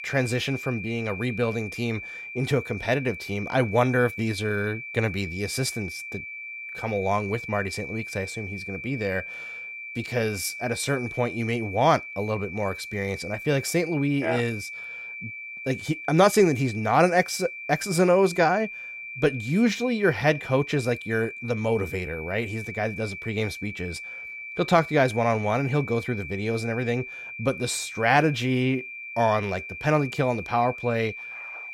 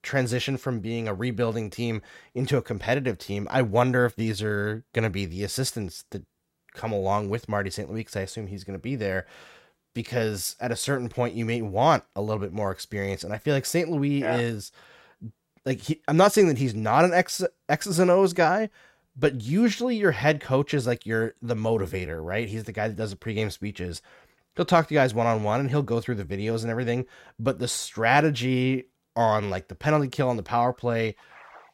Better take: second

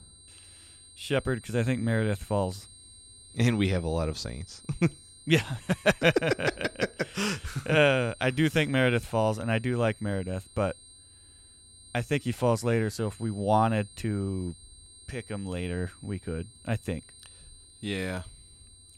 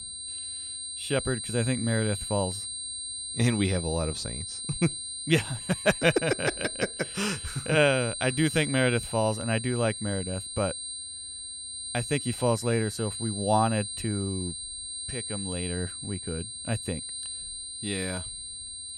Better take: first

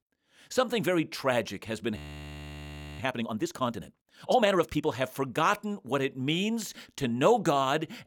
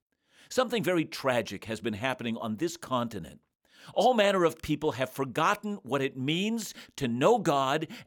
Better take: second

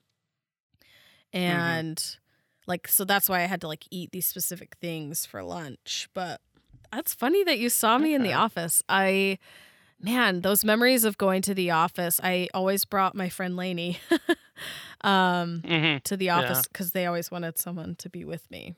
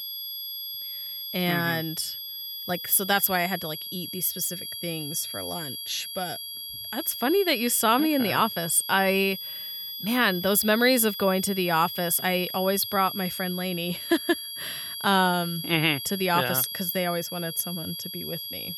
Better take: first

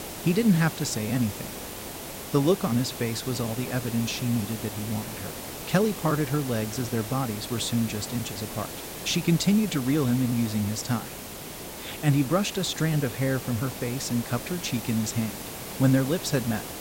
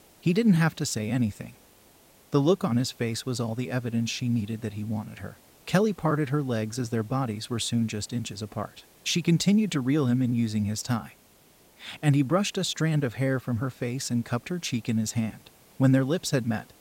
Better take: second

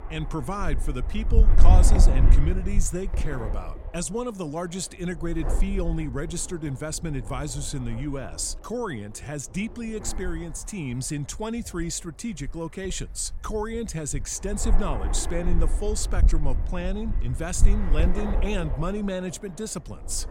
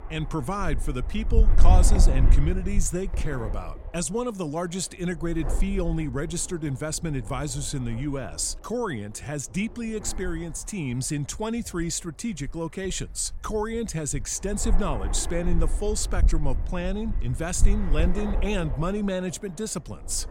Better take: second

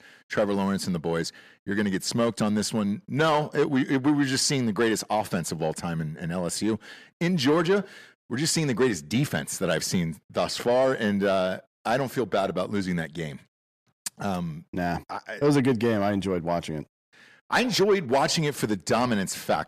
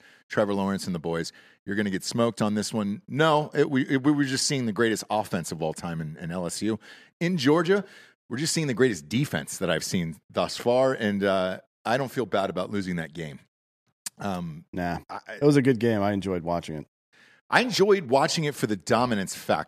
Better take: second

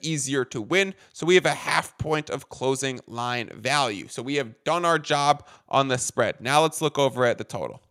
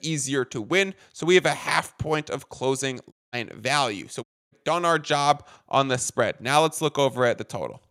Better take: first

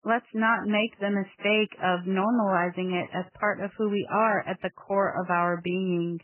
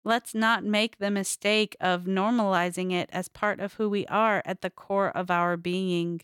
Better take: second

